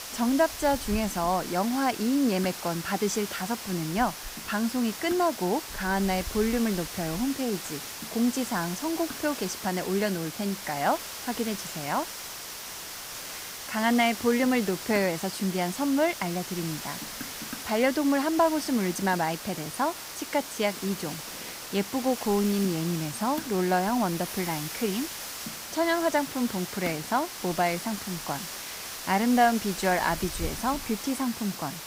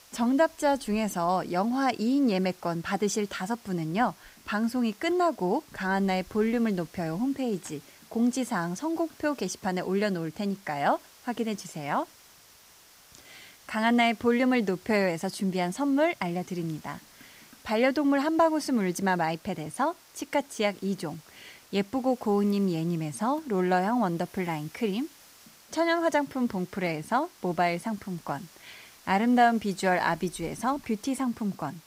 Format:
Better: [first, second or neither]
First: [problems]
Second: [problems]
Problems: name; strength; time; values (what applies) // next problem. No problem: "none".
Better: second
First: hiss; loud; throughout; 8 dB below the speech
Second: hiss; faint; throughout; 25 dB below the speech